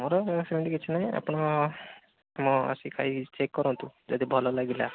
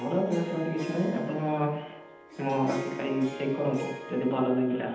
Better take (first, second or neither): first